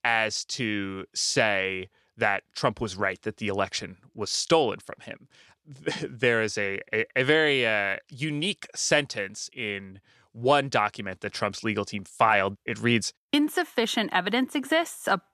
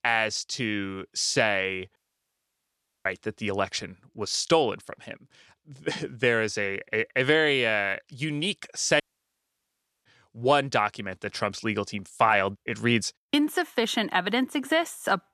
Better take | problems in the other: first | audio cutting out; at 2 s for 1 s and at 9 s for 1 s

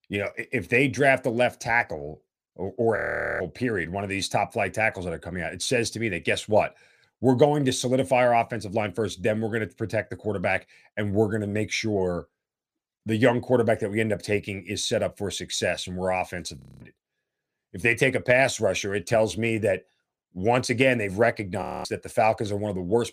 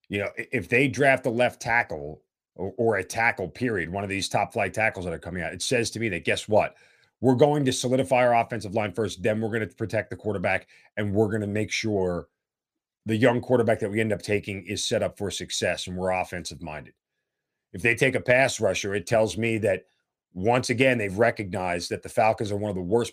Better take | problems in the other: second | audio freezing; at 3 s, at 17 s and at 22 s

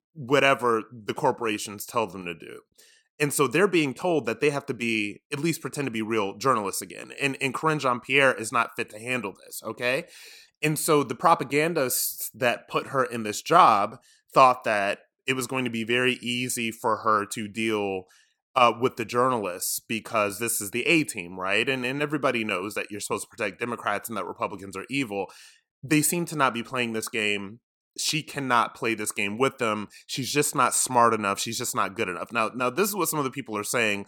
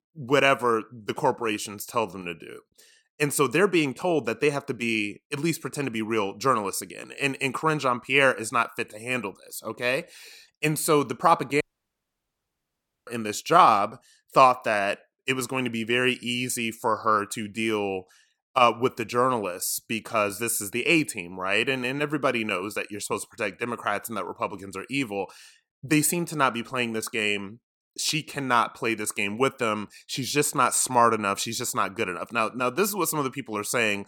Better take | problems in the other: first | audio cutting out; at 12 s for 1.5 s

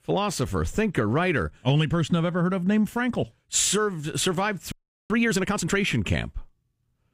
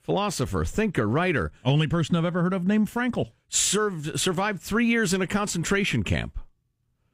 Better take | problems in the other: second | audio freezing; at 4.5 s

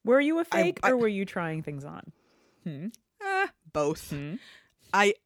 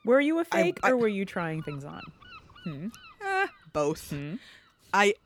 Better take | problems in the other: first | wind noise on the microphone; occasional gusts; 25 dB below the speech

